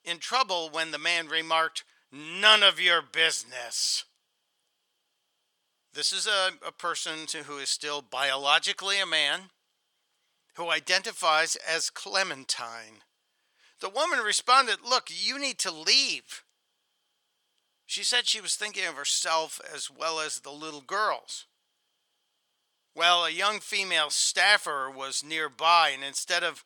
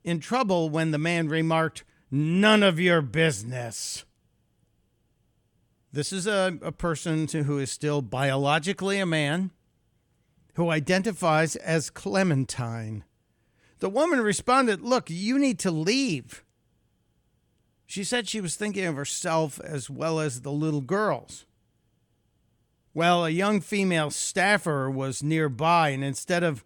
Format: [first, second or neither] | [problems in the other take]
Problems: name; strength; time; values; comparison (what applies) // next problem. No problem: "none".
second | thin; very; fading below 800 Hz